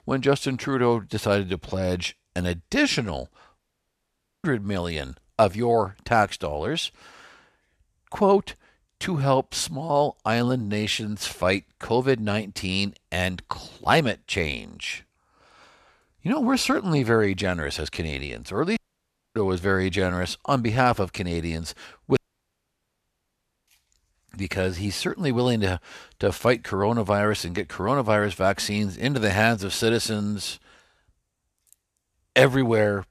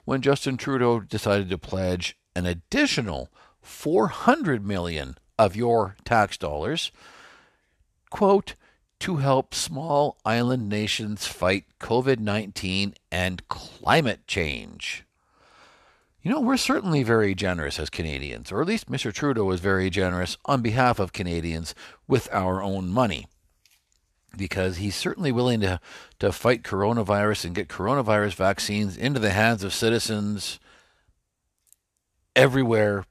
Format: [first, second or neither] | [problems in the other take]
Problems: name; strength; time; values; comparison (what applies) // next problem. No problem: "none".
second | audio cutting out; at 3.5 s for 1 s, at 19 s for 0.5 s and at 22 s for 1.5 s